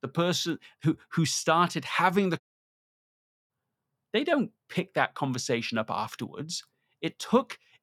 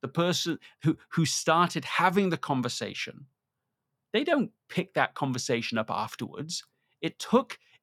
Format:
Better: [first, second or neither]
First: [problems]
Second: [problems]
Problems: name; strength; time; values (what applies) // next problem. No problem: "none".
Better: second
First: audio cutting out; at 2.5 s for 1 s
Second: none